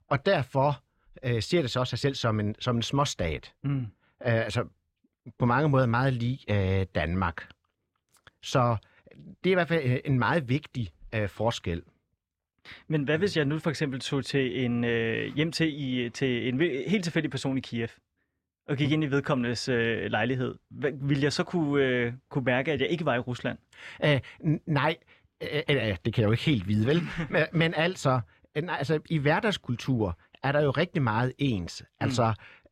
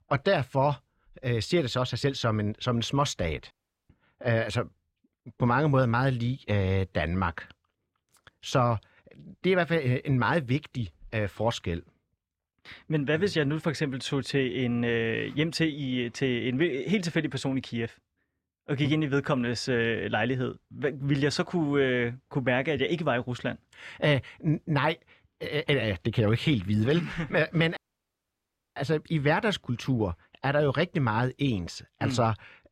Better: first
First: none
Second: audio cutting out; at 3.5 s and at 28 s for 1 s

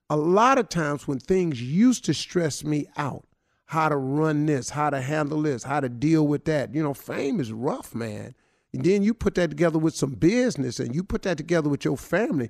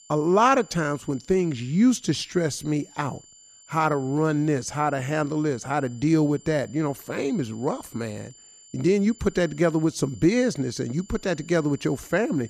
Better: first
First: none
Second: high-pitched whine; faint; throughout; 7 kHz, 25 dB below the speech

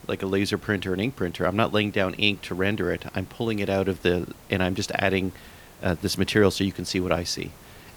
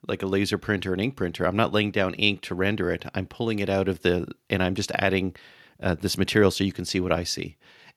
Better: second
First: hiss; faint; throughout; 25 dB below the speech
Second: none

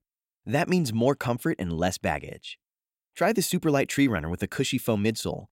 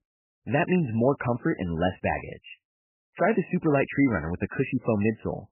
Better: first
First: none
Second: garbled, watery; badly; nothing above 3 kHz

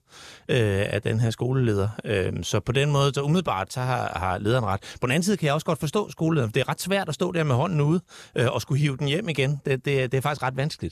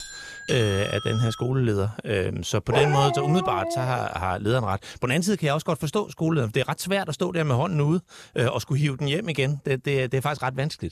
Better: first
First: none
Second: doorbell; noticeable; until 1.5 s; peak 7 dB below the speech // dog barking; loud; from 2.5 to 4 s; peak 2 dB above the speech

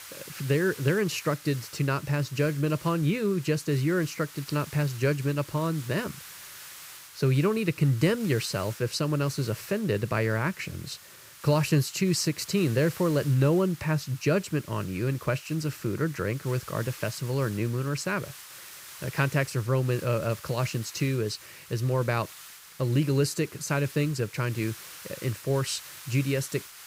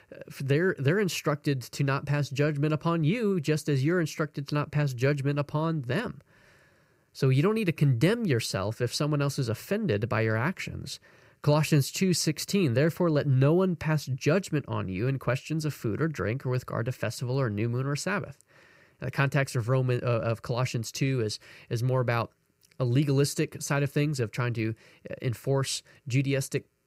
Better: second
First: hiss; noticeable; throughout; 15 dB below the speech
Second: none

